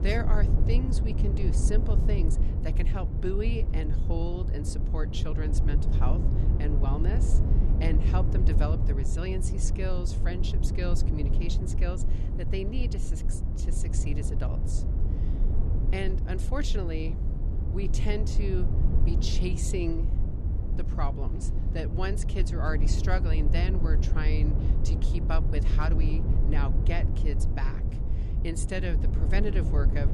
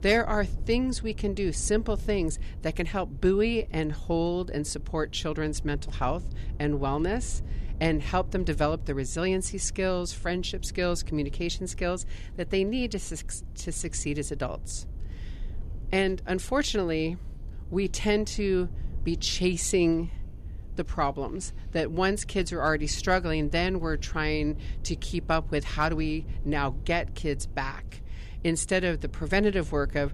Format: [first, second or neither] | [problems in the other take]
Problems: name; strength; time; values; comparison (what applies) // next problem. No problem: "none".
second | low rumble; loud; throughout; 5 dB below the speech; faint in the second